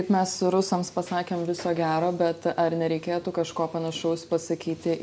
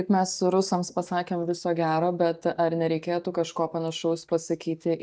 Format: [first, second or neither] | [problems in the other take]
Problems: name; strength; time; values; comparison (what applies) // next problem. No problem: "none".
first | noise reduction (neural mask model DeepFilterNet 3)